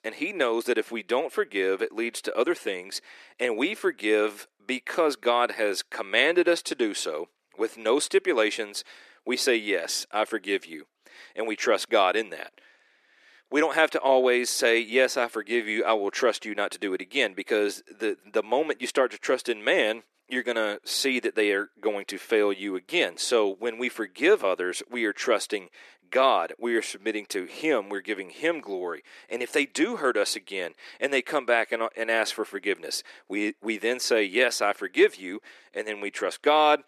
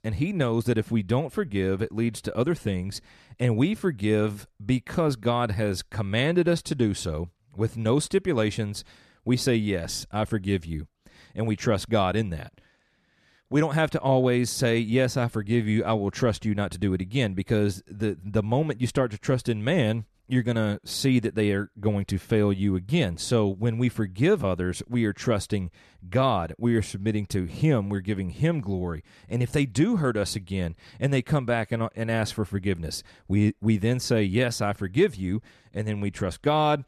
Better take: second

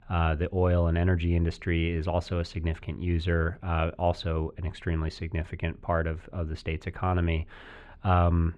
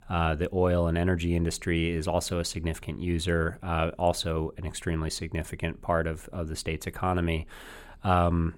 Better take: second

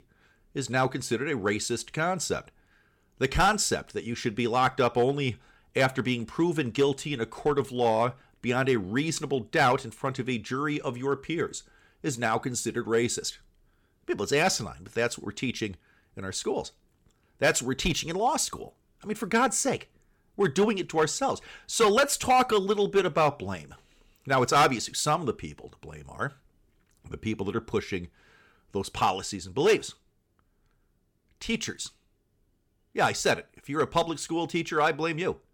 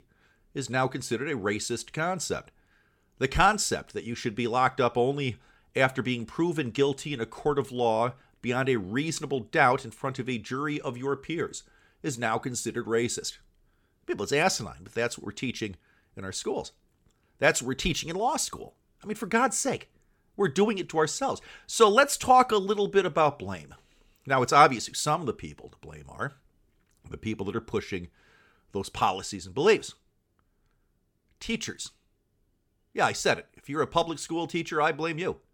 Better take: second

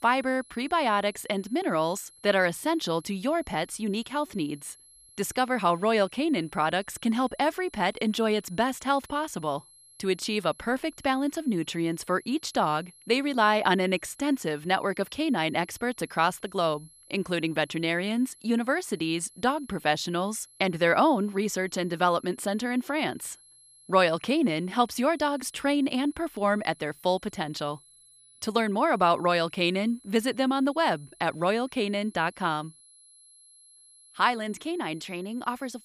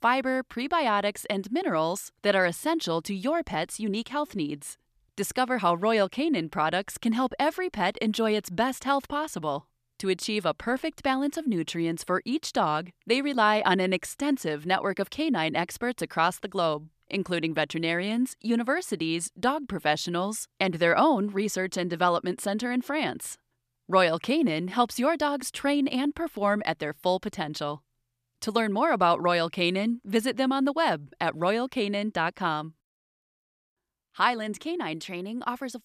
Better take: second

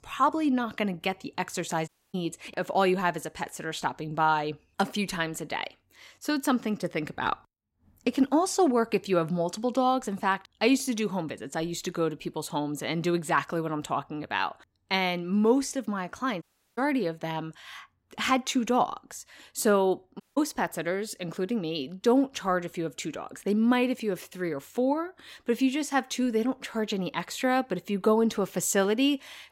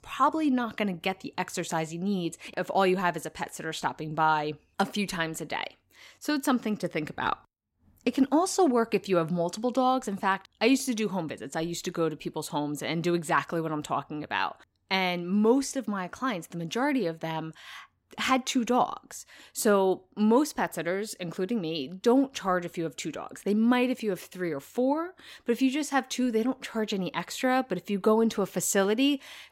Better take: second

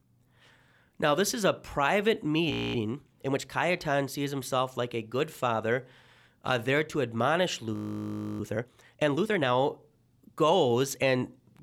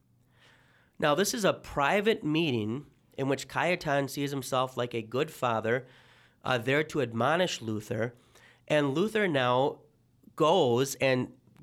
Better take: second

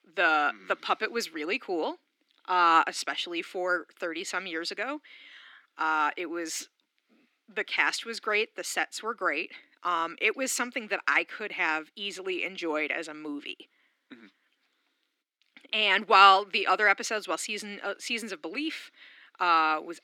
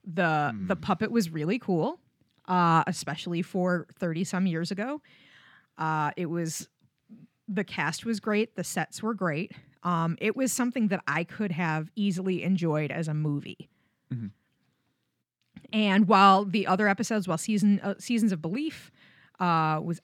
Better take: second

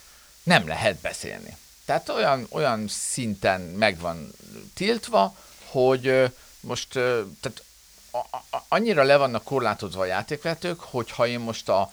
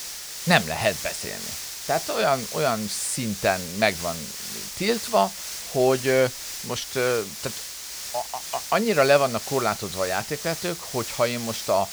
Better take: first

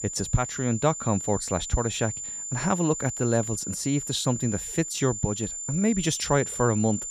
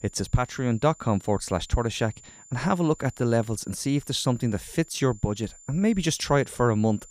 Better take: second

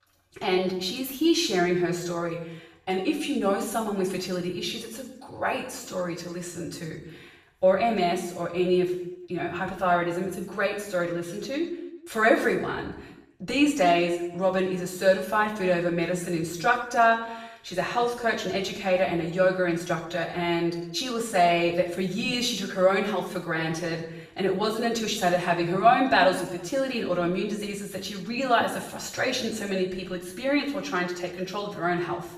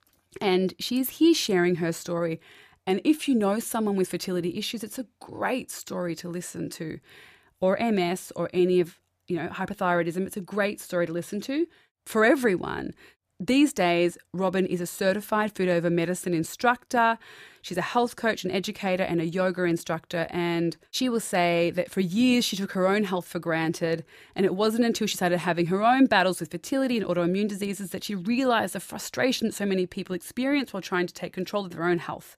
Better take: second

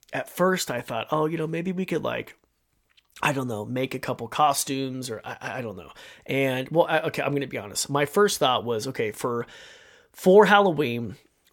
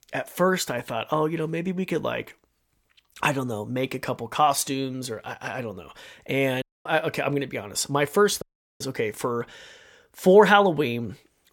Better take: first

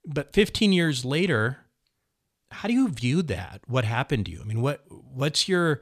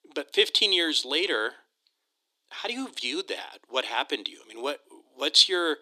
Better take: first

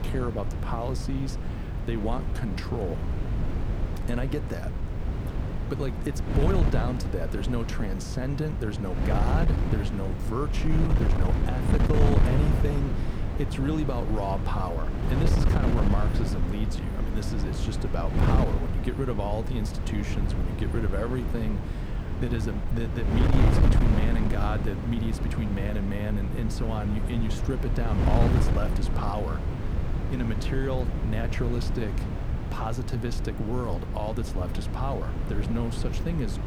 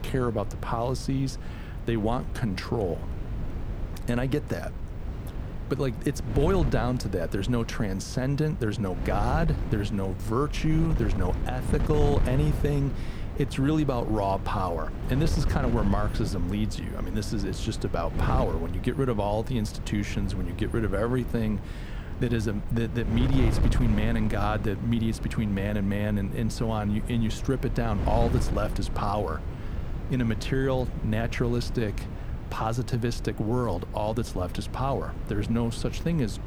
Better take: second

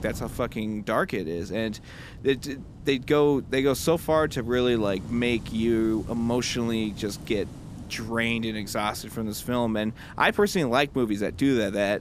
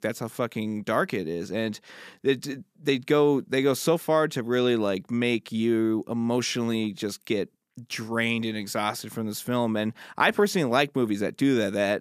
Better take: second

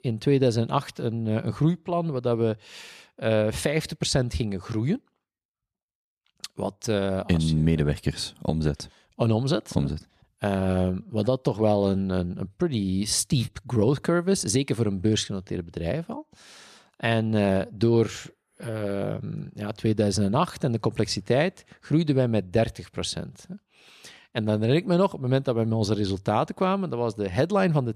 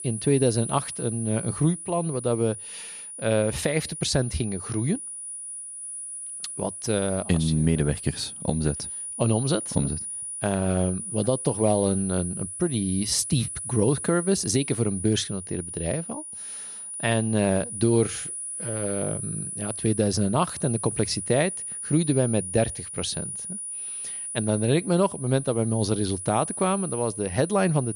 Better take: first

